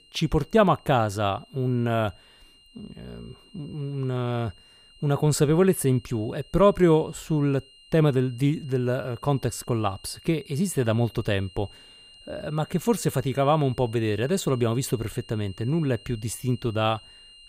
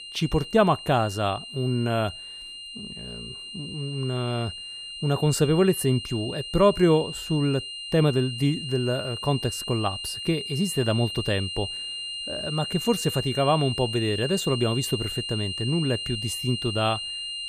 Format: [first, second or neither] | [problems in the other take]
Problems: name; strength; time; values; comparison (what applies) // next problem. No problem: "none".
first | high-pitched whine; loud; throughout; 3 kHz, 7 dB below the speech; faint in the first